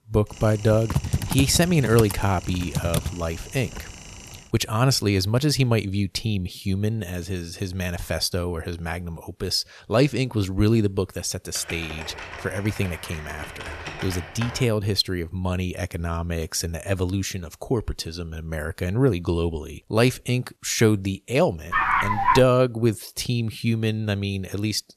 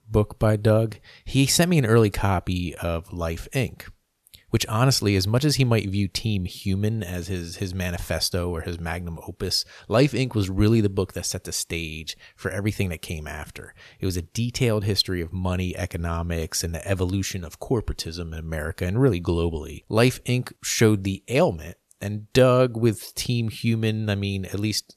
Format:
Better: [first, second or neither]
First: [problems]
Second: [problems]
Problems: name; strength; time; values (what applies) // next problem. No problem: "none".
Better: second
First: keyboard typing; noticeable; from 0.5 to 4 s and from 12 to 15 s; peak 1 dB below the speech // dog barking; loud; at 22 s; peak 4 dB above the speech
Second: none